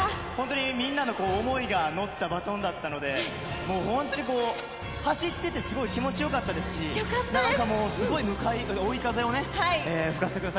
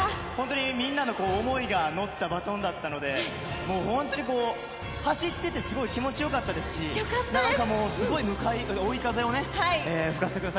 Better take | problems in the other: second | background sound (Drill + Musical instrument); 17 dB below the speech

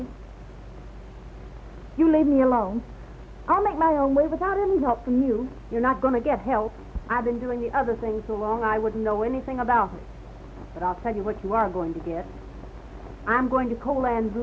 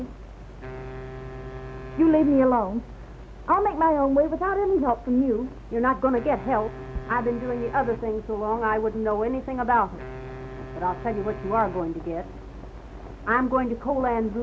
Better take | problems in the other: first | background sound (Wind instrument, woodwind instrument); 16 dB below the speech

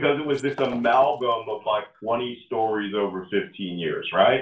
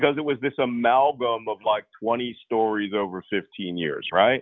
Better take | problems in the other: second | noise reduction (neural separator model SepFormer DNS4)

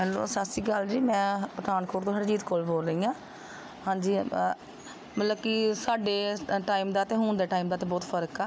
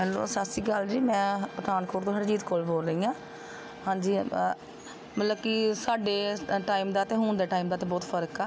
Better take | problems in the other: first | background sound (Trumpet + Wind instrument, woodwind instrument); 20 dB below the speech

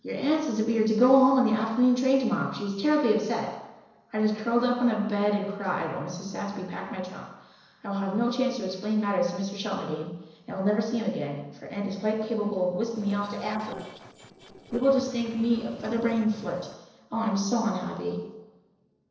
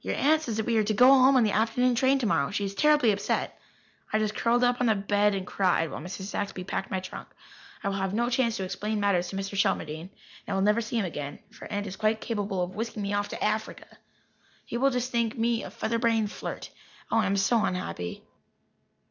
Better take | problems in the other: second | noise reduction (neural separator model SepFormer DNS4)

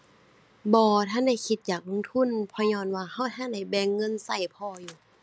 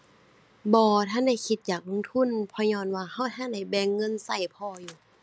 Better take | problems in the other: second | background sound (Wind instrument, woodwind instrument); 15 dB below the speech

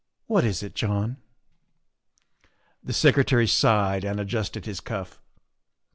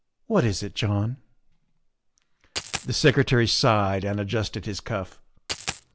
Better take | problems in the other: first | background sound (Coin (dropping)); 7 dB below the speech

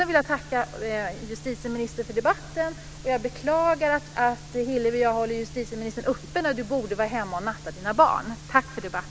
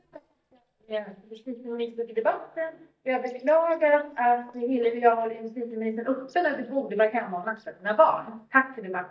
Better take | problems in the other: first | noise reduction (neural mask model DeepFilterNet 3)

